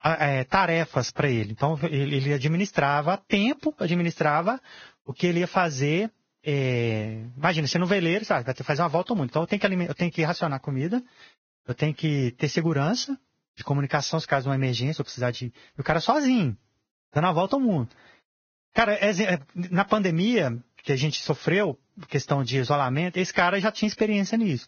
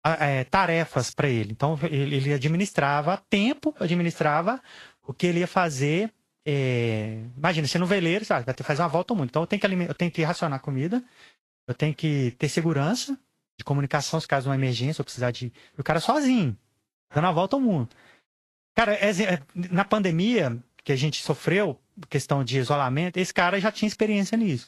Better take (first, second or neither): second